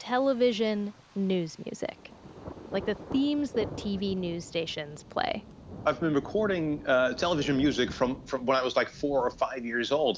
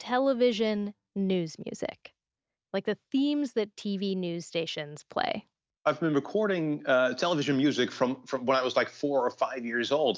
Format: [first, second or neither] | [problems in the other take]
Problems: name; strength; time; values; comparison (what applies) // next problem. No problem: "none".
second | background sound (Thunder); 15 dB below the speech